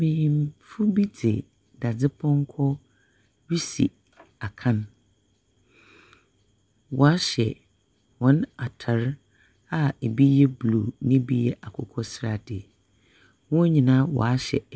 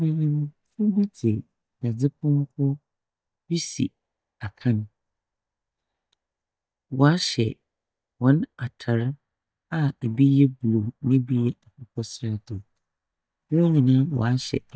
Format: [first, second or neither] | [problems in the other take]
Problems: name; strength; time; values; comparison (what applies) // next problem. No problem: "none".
first | noise reduction (neural mask model DeepFilterNet 3)